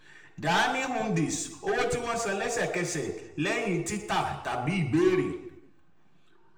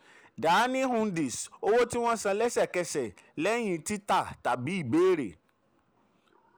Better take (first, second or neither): second